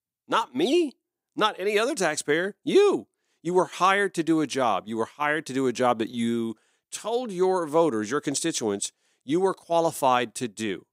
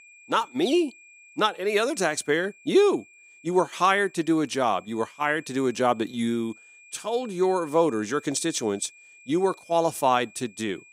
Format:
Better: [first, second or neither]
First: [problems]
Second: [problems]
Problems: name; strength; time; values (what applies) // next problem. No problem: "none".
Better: first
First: none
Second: high-pitched whine; faint; throughout; 2.5 kHz, 25 dB below the speech